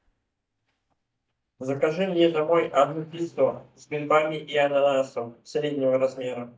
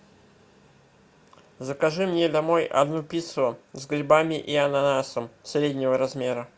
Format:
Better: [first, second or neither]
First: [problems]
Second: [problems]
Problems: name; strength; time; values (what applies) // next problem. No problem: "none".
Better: second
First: noise reduction (neural mask model DeepFilterNet 3)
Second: none